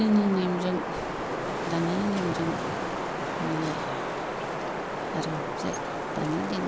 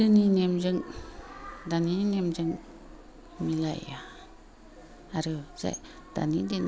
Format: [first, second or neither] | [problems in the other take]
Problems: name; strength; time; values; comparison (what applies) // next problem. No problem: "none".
second | background sound (Wind); 1 dB below the speech